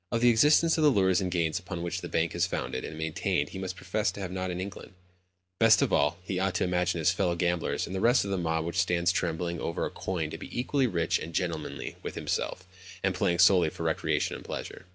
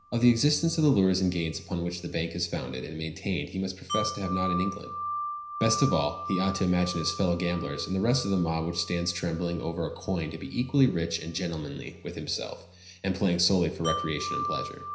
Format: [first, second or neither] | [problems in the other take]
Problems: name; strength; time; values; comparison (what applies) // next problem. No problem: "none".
first | background sound (Wind chime); 10 dB below the speech // room echo; dies away in 0.5 s